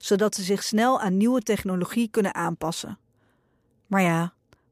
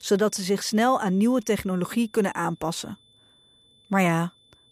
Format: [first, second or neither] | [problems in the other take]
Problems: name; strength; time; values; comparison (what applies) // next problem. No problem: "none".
first | high-pitched whine; faint; throughout; 3.5 kHz, 35 dB below the speech